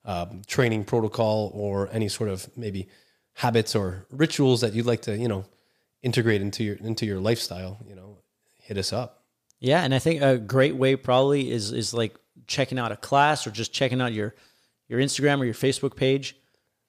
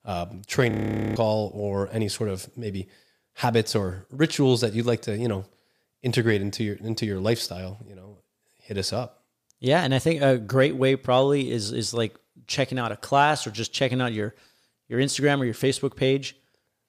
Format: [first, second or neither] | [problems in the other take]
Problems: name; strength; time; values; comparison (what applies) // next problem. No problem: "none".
first | audio freezing; at 0.5 s